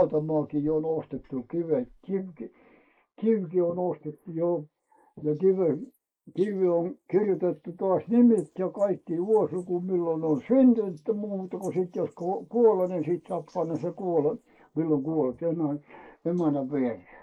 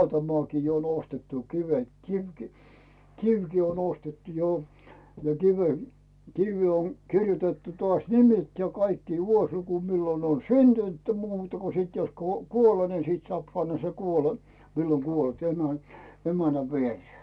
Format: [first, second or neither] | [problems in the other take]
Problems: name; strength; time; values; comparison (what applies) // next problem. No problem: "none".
second | noise reduction (neural mask model Resemble Enhance denoiser)